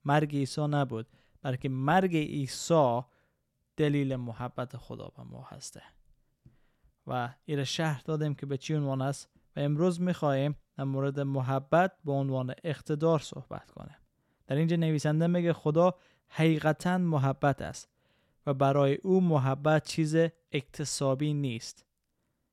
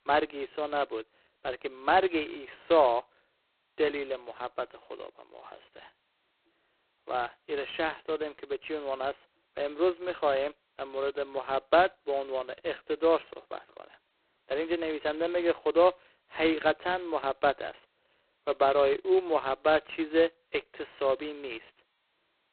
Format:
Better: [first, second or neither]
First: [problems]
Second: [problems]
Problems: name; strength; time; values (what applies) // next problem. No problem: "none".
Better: first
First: none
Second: phone-call audio; poor line; nothing above 4 kHz